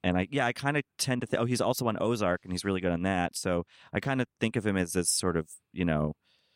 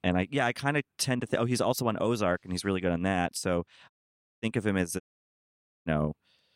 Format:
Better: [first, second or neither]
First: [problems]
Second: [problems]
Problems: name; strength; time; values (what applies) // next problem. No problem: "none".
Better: first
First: none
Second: audio cutting out; at 4 s for 0.5 s and at 5 s for 1 s